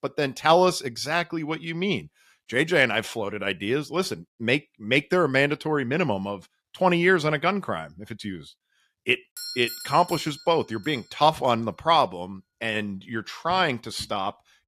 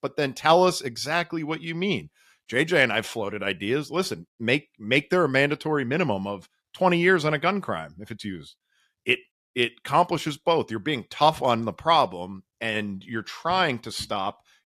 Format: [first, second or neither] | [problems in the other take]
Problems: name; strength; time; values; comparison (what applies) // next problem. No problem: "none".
second | doorbell; noticeable; from 9.5 to 11 s; peak 9 dB below the speech